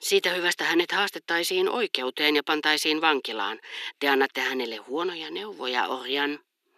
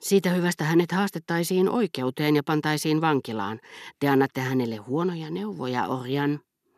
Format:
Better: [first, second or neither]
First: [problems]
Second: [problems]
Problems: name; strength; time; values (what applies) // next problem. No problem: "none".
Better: second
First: thin; somewhat; fading below 350 Hz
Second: none